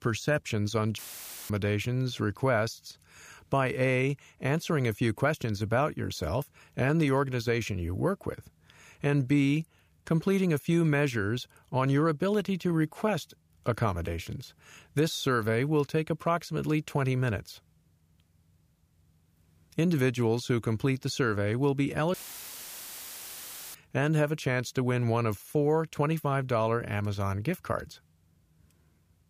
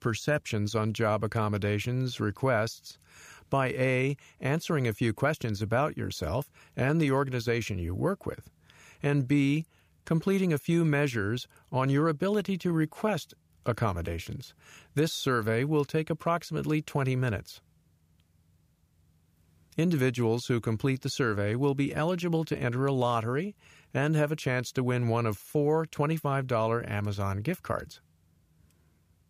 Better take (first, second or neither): second